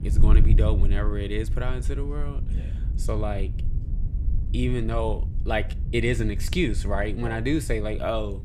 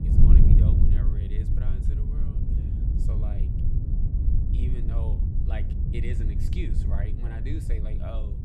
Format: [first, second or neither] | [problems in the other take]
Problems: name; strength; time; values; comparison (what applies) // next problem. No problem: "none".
first | wind noise on the microphone; heavy; 3 dB above the speech; occasional gusts in the first